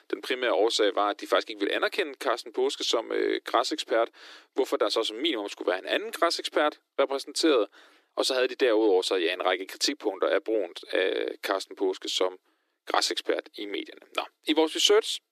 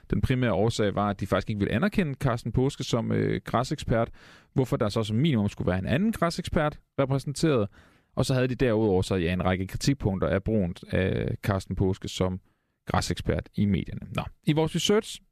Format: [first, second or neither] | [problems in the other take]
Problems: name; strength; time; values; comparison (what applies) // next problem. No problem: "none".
second | thin; very; fading below 300 Hz